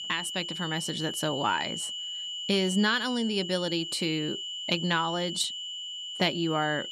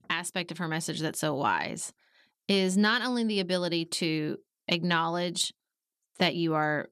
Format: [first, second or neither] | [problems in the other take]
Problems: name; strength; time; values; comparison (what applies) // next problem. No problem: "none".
second | high-pitched whine; loud; throughout; 3 kHz, 5 dB below the speech